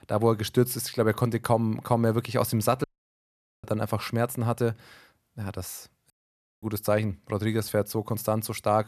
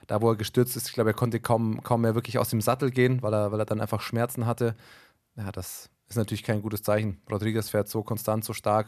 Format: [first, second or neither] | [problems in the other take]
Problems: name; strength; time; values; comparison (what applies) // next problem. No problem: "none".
second | audio cutting out; at 3 s for 1 s and at 6 s for 0.5 s